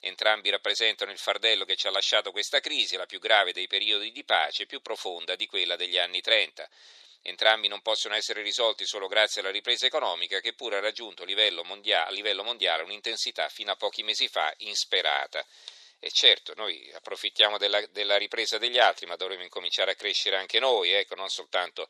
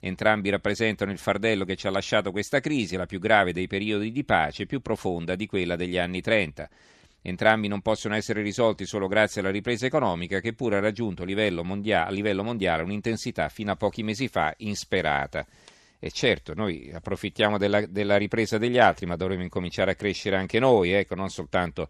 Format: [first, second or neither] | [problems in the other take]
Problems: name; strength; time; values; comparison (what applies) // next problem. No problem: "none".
second | thin; very; fading below 450 Hz